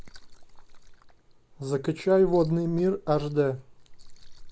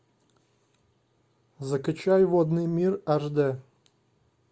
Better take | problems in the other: second | background sound (Liquid); 15 dB below the speech

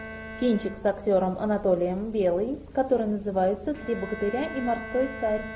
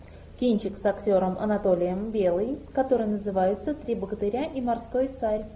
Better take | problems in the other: second | background sound (Bowed string instrument); 15 dB below the speech

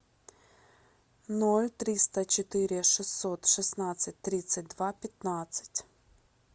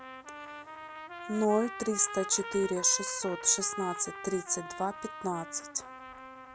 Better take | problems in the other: first | background sound (Trumpet); 10 dB below the speech

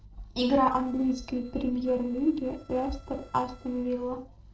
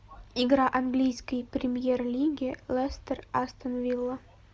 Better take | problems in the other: second | noise reduction (neural separator model SepFormer DNS4)

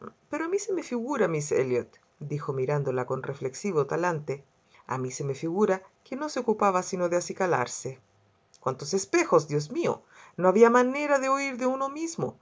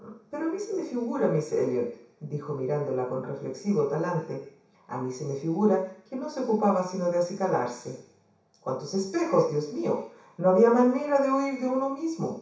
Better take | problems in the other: first | room echo; dies away in 0.7 s

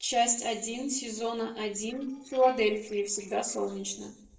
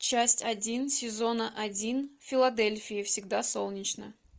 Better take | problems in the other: second | noise reduction (neural separator model SepFormer DNS4)

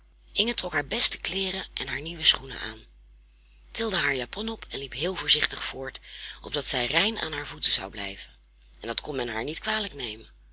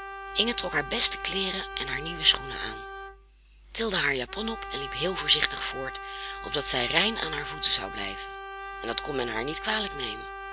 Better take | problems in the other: first | background sound (Brass instrument); 8 dB below the speech

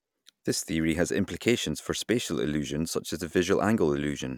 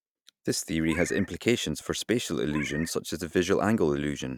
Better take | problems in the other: first | noise reduction (neural mask model RNNoise)

